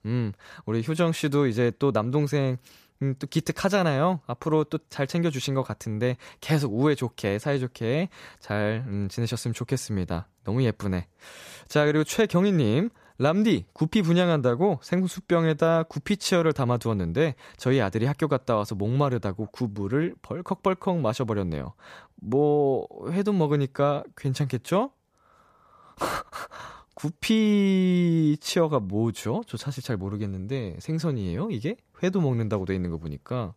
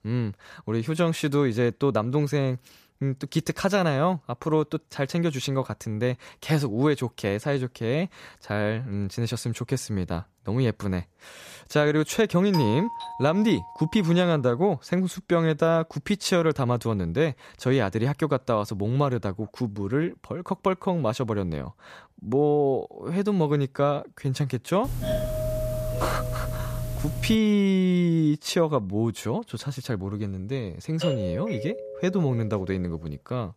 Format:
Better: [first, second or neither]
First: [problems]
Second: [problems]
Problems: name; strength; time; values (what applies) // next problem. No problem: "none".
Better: first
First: none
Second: doorbell; noticeable; from 13 to 14 s, from 25 to 27 s and from 31 to 32 s; peak 2 dB below the speech